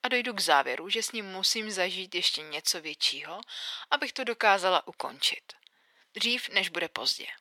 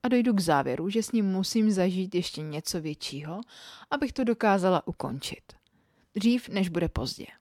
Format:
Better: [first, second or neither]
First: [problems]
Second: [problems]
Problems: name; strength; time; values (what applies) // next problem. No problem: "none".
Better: second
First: thin; very; fading below 700 Hz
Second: none